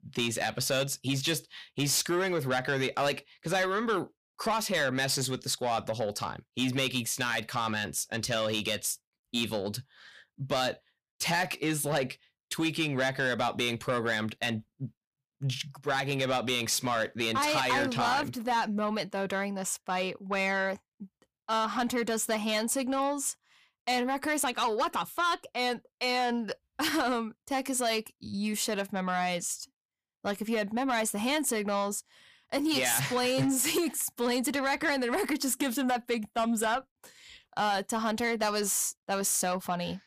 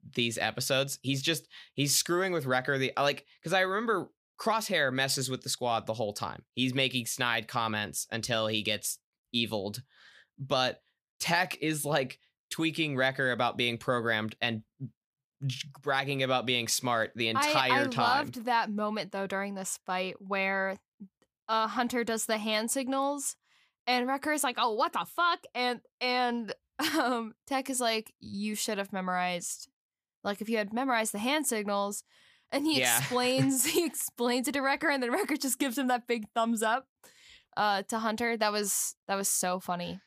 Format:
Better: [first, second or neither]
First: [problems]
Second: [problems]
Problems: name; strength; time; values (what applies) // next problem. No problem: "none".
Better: second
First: distortion; slight; 10 dB below the speech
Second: none